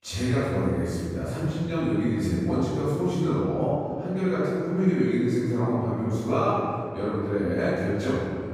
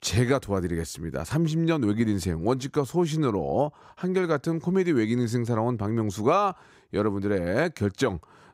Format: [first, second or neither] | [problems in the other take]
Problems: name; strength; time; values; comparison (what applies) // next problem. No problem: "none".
second | off-mic speech; far // room echo; strong; dies away in 2.5 s